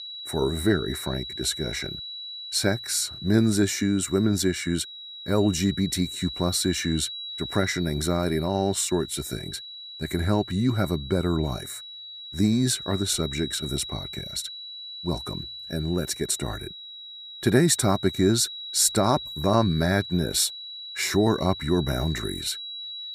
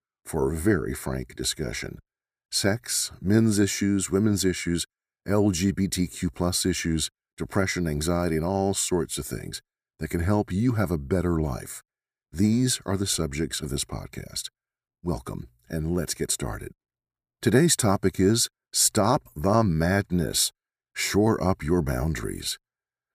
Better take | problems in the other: second | high-pitched whine; noticeable; throughout; 4 kHz, 10 dB below the speech

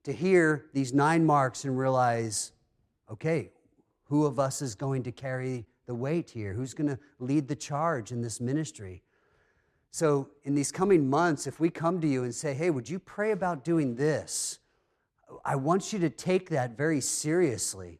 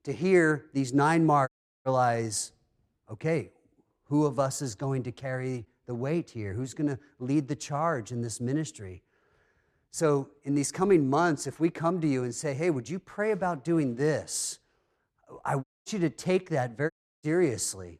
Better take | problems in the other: first | audio cutting out; at 1.5 s, at 16 s and at 17 s

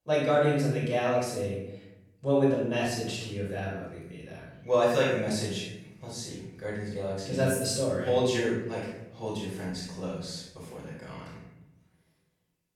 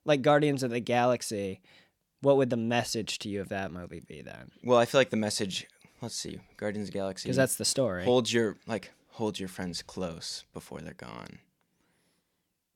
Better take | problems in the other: second | off-mic speech; far // room echo; strong; dies away in 1 s

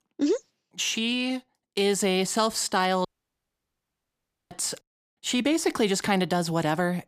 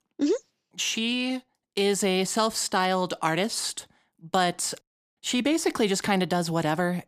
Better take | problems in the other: second | audio cutting out; at 3 s for 1.5 s

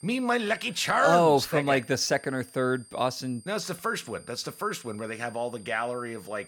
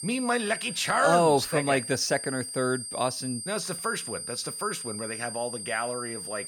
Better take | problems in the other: first | high-pitched whine; loud; throughout; 8.5 kHz, 7 dB below the speech; faint in the first

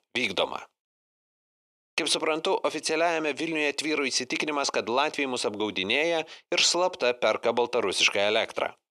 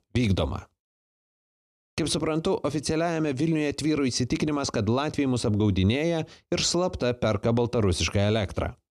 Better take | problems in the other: second | thin; very; fading below 500 Hz

